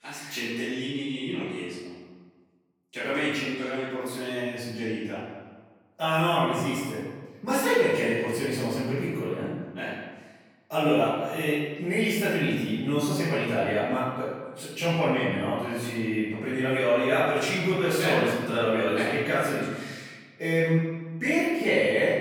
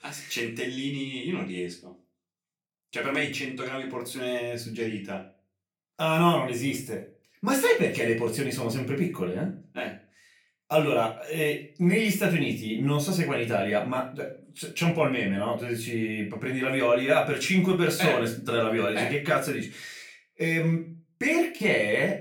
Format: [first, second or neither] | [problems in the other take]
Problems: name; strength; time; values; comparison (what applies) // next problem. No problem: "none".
second | room echo; strong; dies away in 1.3 s; slight in the second // off-mic speech; far; far in the second